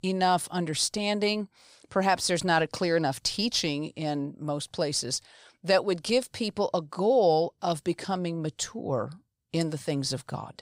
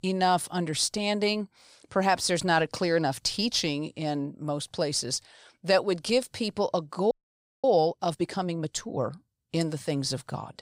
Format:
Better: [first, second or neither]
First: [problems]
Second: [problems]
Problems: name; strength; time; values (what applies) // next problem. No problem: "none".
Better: first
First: none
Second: audio freezing; at 7 s for 0.5 s